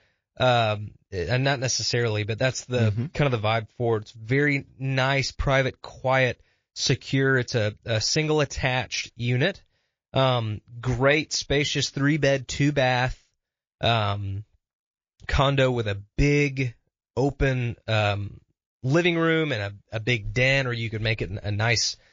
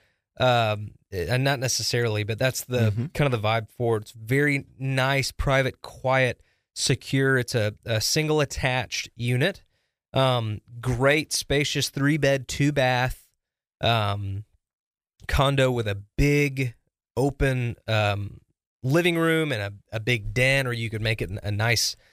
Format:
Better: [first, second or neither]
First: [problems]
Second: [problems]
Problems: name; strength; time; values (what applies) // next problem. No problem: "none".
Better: second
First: garbled, watery; slightly; nothing above 6 kHz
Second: none